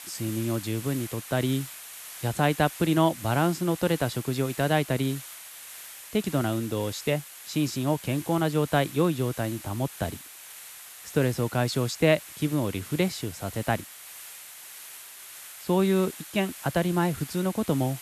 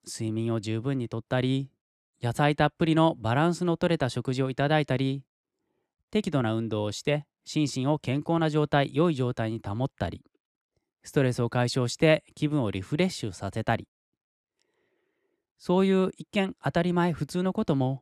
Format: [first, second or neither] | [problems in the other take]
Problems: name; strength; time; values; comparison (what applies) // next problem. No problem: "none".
second | hiss; noticeable; throughout; 15 dB below the speech